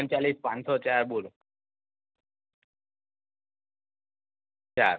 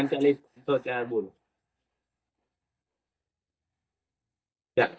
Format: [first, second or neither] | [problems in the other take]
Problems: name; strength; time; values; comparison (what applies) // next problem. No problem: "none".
first | noise reduction (neural mask model DeepFilterNet 3)